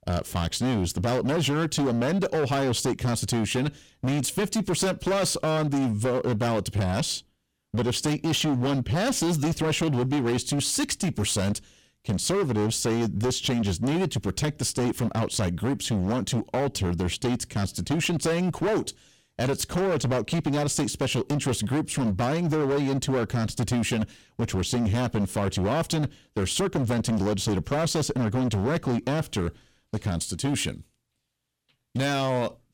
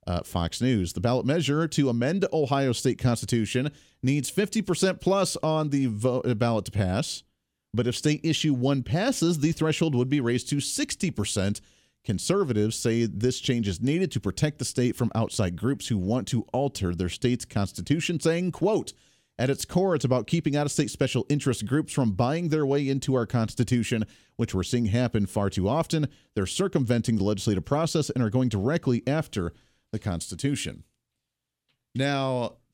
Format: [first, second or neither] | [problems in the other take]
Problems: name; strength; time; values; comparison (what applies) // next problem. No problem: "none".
second | distortion; heavy; 22% of the sound clipped